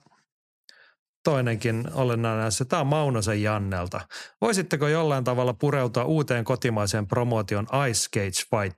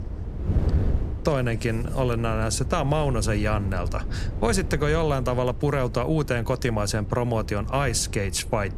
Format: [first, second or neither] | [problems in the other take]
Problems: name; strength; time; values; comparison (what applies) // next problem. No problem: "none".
first | wind noise on the microphone; occasional gusts; 15 dB below the speech